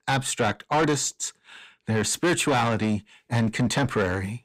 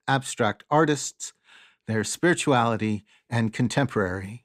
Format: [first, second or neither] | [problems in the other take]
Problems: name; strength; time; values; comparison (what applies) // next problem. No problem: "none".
second | distortion; heavy; 7 dB below the speech